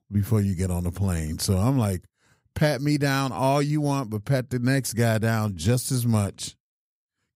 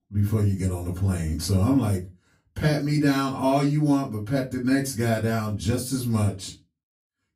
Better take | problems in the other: first | off-mic speech; far // room echo; very slight; dies away in 0.2 s

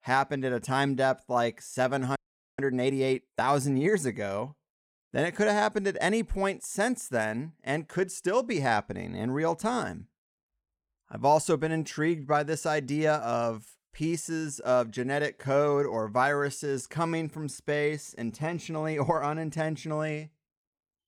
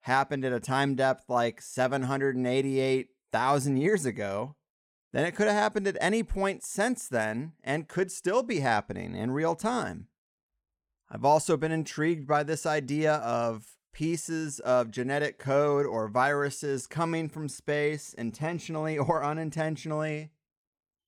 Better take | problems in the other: second | audio freezing; at 2 s

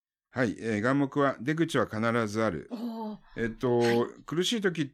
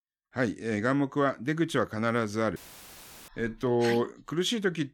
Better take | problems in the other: first | audio cutting out; filled with static; at 2.5 s for 0.5 s

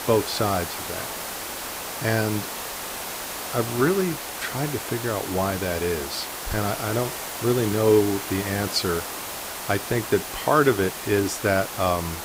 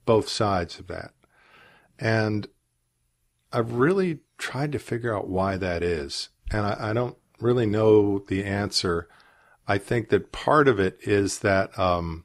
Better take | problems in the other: second | hiss; loud; throughout; 6 dB below the speech

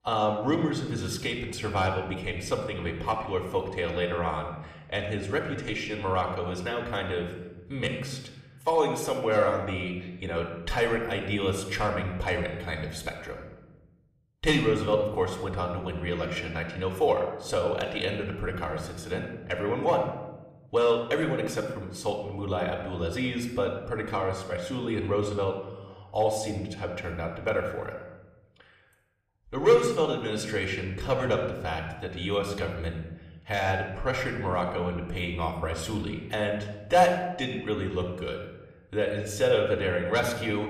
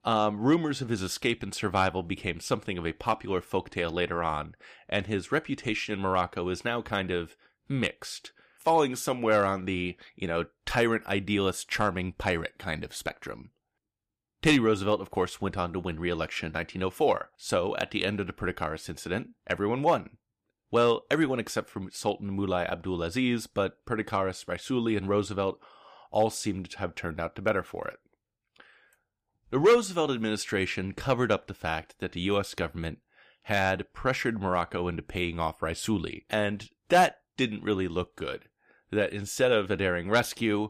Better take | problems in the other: second | off-mic speech; far // room echo; slight; dies away in 1 s

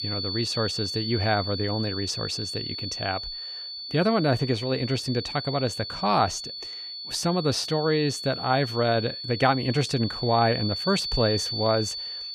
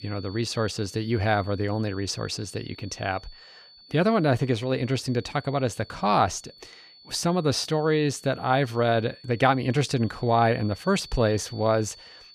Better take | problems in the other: second | high-pitched whine; loud; throughout; 4.5 kHz, 5 dB below the speech; faint in the second

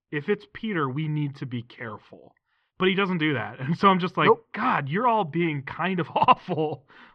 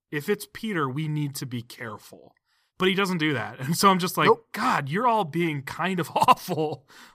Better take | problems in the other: second | muffled; very; fading above 3 kHz

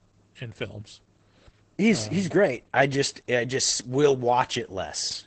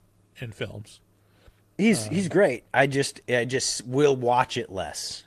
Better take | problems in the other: second | garbled, watery; badly; nothing above 8 kHz; slightly in the second

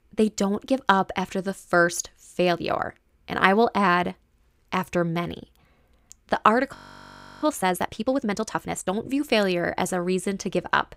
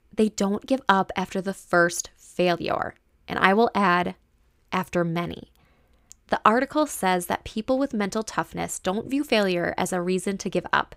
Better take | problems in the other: second | audio freezing; at 7 s for 0.5 s

